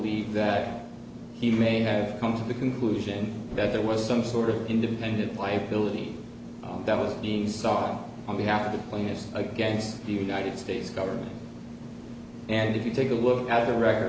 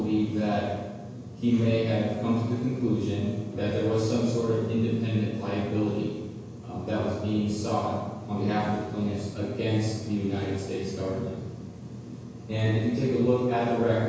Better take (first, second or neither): first